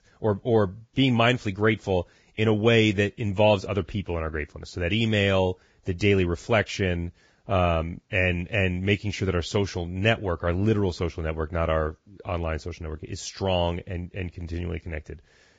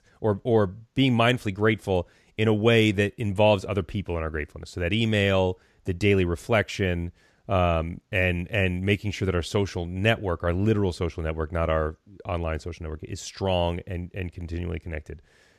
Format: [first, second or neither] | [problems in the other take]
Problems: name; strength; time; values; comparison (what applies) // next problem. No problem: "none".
second | garbled, watery; badly; nothing above 7.5 kHz